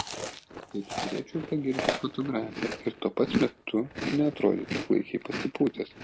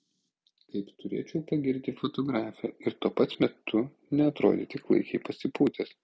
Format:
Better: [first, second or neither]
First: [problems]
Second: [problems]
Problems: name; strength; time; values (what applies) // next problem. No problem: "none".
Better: second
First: background sound (Chewing, mastication); 5 dB below the speech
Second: none